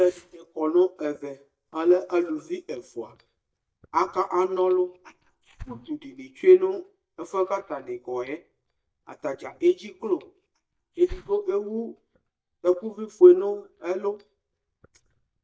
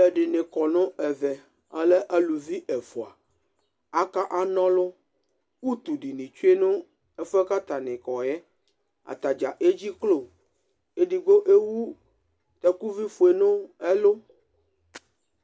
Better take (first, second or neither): second